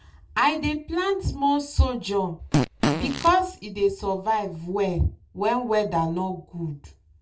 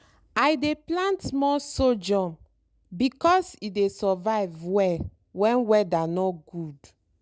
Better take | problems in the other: second | background sound (Fart); 1 dB below the speech // room echo; dies away in 0.2 s

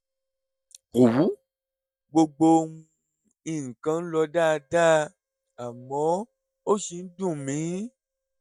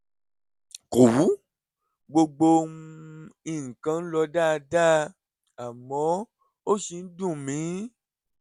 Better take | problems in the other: second | noise reduction (neural mask model DeepFilterNet 3)

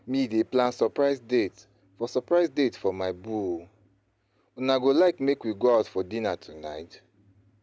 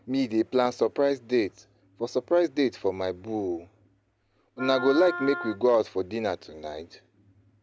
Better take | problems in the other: first | background sound (Wind instrument, woodwind instrument); 10 dB below the speech

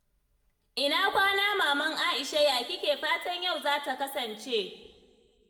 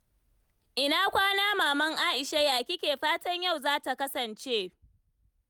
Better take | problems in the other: second | room echo; dies away in 1.2 s

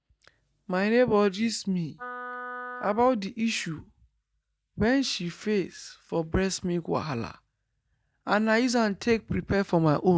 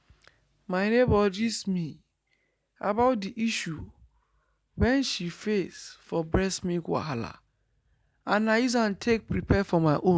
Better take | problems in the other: second | noise reduction (neural mask model DeepFilterNet 3)

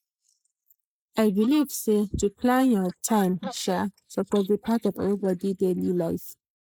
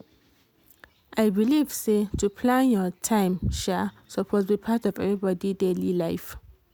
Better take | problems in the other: second | noise reduction (neural mask model Resemble Enhance denoiser)

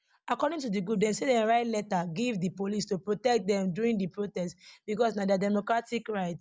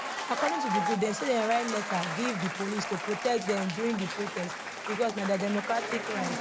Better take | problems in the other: first | background sound (Applause / Crowd / Cheering); 3 dB below the speech

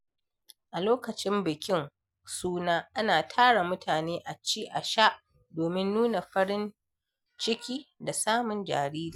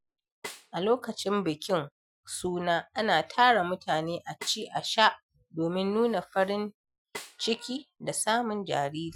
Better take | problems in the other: first | noise reduction (classical method Wiener filter)

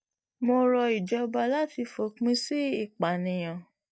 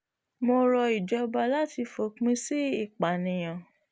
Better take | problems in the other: second | noise reduction (neural mask model DeepFilterNet 3)

